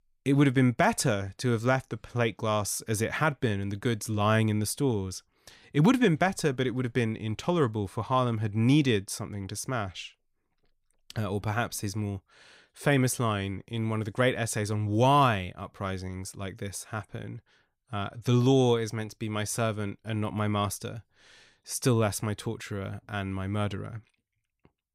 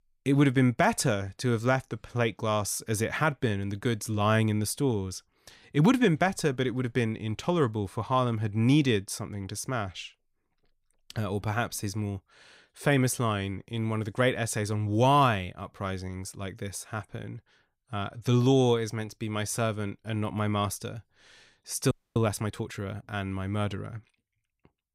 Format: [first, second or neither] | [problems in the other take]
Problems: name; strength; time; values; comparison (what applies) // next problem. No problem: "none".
first | audio freezing; at 22 s